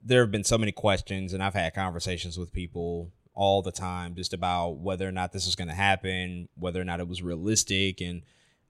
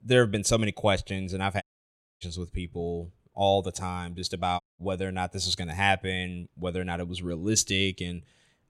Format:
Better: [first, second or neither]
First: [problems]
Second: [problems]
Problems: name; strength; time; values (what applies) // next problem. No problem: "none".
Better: first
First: none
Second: audio cutting out; at 1.5 s for 0.5 s and at 4.5 s